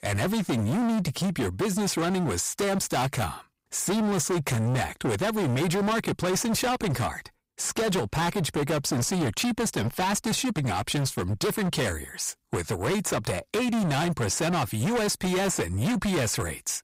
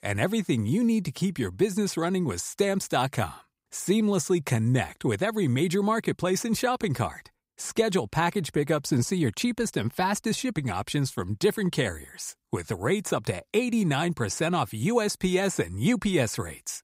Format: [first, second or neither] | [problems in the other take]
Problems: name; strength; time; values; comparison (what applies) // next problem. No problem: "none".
second | distortion; heavy; 32% of the sound clipped